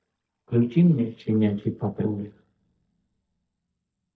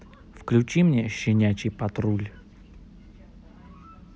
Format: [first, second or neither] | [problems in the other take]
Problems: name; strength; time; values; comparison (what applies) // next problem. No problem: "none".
second | noise reduction (neural mask model DeepFilterNet 3)